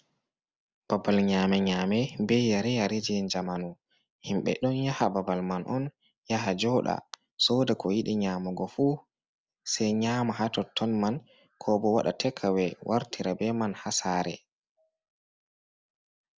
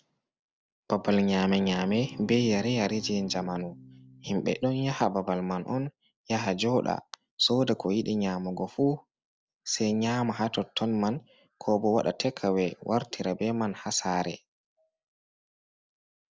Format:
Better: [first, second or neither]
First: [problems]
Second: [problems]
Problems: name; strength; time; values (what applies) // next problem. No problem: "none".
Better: first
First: none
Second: noise reduction (neural separator model SepFormer DNS4)